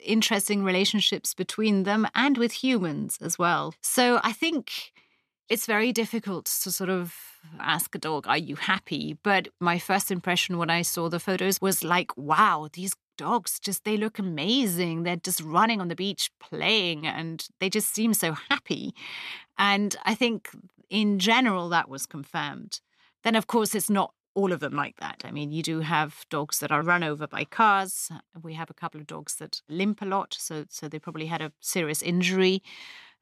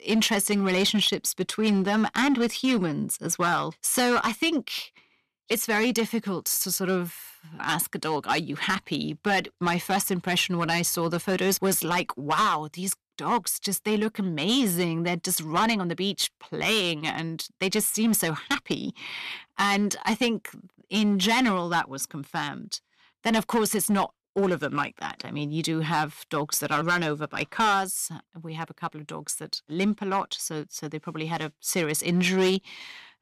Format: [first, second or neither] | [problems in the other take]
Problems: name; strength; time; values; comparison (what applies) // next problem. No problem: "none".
first | distortion; slight; 5% of the sound clipped